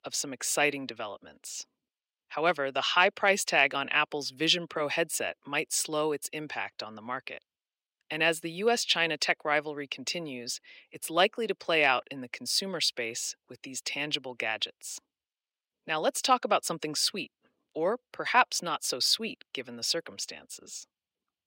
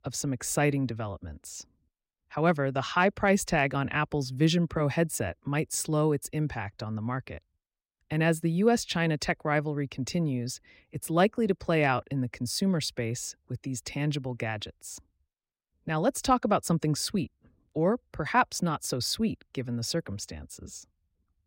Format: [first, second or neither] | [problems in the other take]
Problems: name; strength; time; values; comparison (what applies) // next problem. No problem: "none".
second | thin; somewhat; fading below 450 Hz